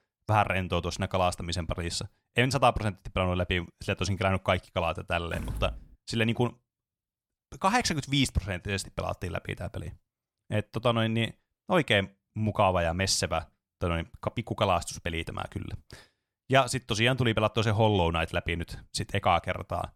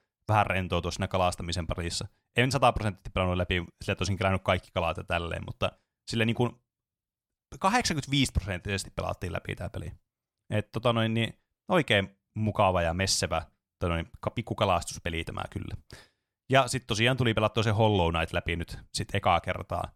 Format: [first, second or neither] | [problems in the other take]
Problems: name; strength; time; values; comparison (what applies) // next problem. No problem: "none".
second | door banging; noticeable; at 5.5 s; peak 9 dB below the speech